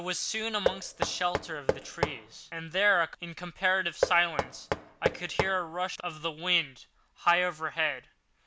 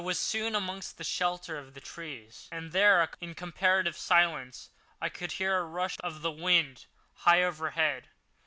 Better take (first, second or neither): second